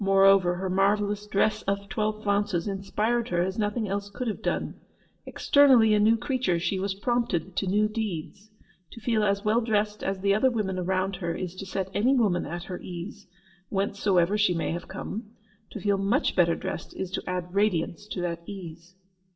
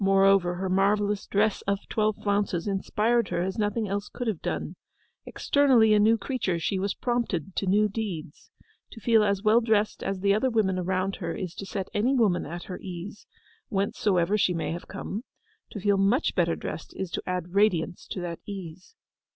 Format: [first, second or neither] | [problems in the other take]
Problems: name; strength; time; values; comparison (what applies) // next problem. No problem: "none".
second | room echo; dies away in 0.4 s